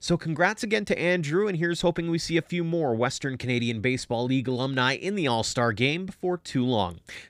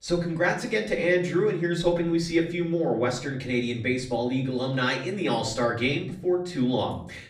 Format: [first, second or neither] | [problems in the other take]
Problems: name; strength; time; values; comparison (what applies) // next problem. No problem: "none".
first | room echo; slight; dies away in 0.5 s // off-mic speech; far